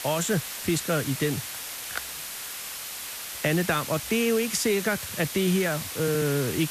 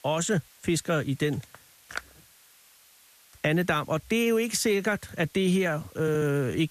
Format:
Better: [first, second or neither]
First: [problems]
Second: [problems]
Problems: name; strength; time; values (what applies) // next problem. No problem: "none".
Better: second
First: hiss; loud; throughout; 7 dB below the speech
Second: hiss; faint; throughout; 25 dB below the speech